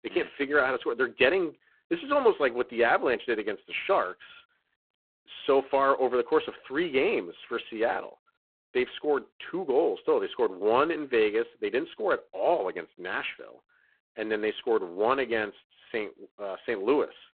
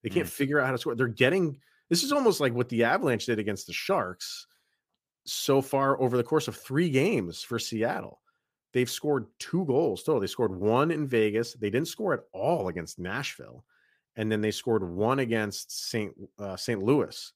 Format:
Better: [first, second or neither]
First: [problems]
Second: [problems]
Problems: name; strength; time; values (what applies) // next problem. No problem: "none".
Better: second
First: phone-call audio; poor line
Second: none